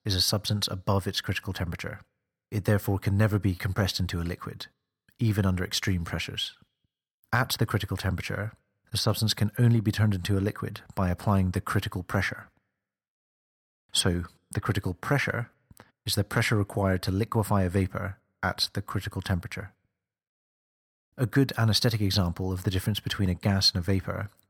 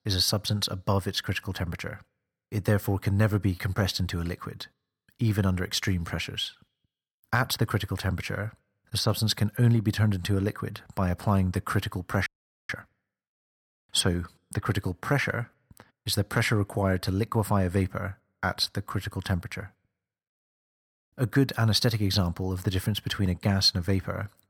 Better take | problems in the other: first | audio freezing; at 12 s

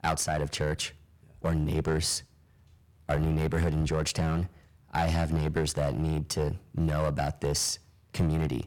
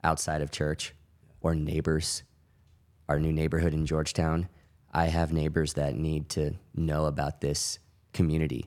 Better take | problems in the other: second | distortion; heavy; 7% of the sound clipped

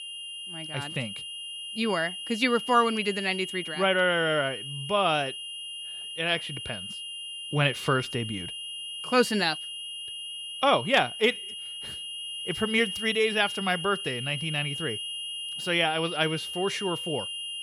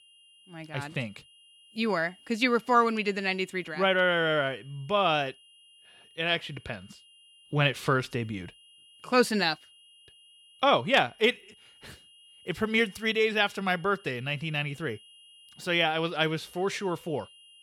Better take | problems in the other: second | high-pitched whine; loud; throughout; 3 kHz, 7 dB below the speech; faint in the second

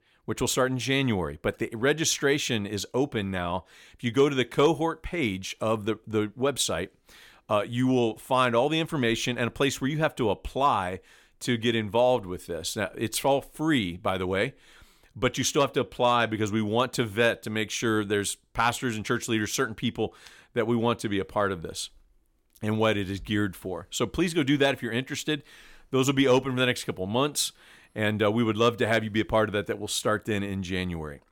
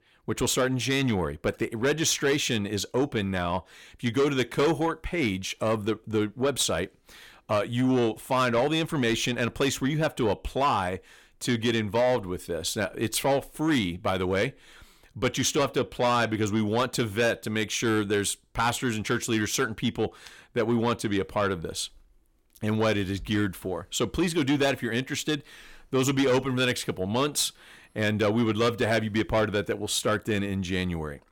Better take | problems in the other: first | distortion; slight; 10 dB below the speech

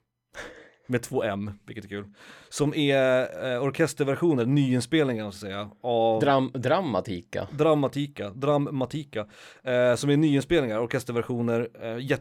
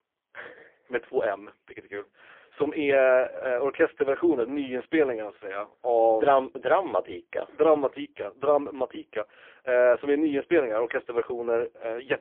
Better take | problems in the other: first | phone-call audio; poor line; nothing above 3.5 kHz

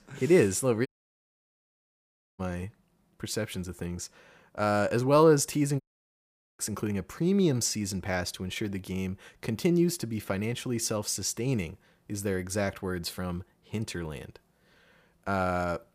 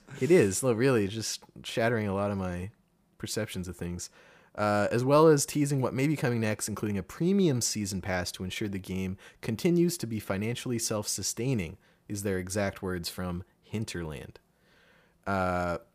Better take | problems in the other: second | audio cutting out; at 1 s for 1.5 s and at 6 s for 1 s

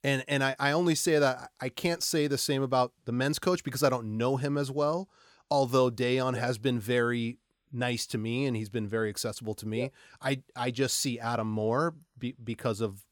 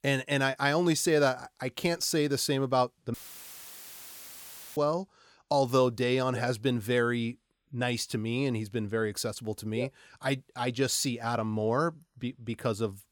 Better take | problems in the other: first | audio cutting out; filled with static; at 3 s for 1.5 s

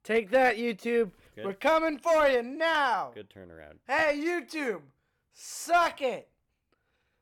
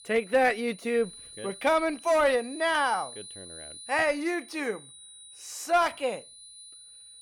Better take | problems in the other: first | high-pitched whine; noticeable; throughout; 9.5 kHz, 15 dB below the speech

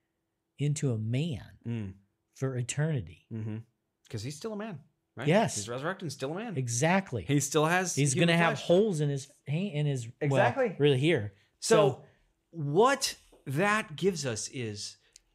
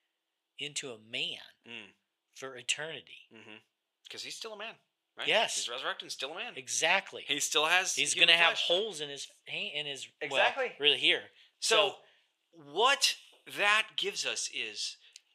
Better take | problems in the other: first | thin; very; fading below 600 Hz

